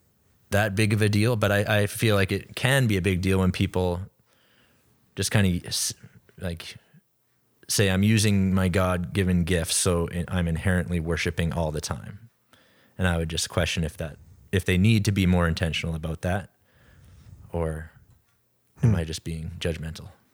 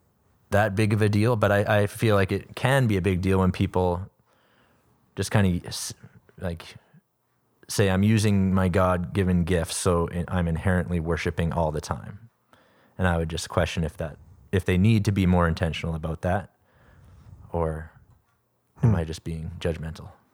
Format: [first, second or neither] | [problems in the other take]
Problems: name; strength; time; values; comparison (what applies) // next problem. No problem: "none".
first | muffled; slightly; fading above 1.5 kHz